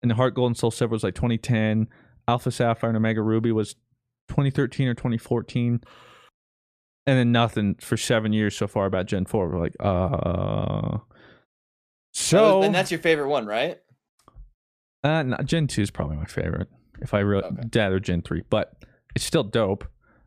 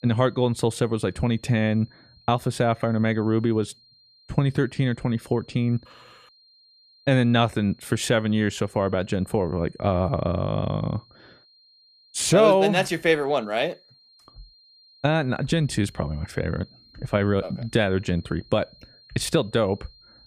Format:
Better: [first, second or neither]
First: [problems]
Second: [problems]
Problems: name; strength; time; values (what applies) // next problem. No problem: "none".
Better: first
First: none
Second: high-pitched whine; faint; throughout; 4 kHz, 30 dB below the speech